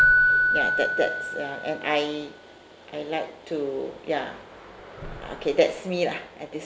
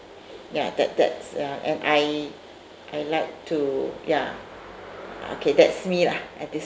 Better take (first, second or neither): second